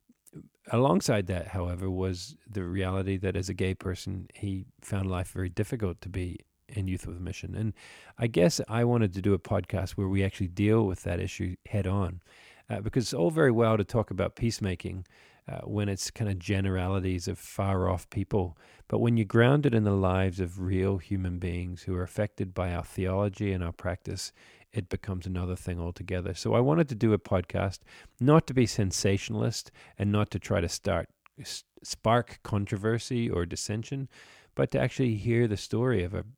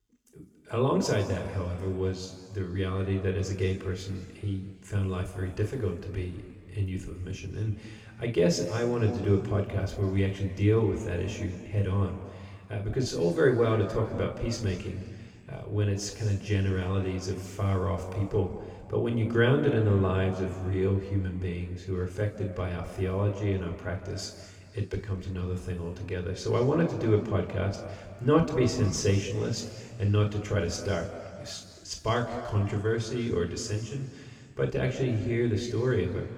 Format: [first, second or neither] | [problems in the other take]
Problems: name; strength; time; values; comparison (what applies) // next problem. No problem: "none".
first | room echo; slight; dies away in 2.2 s // off-mic speech; somewhat distant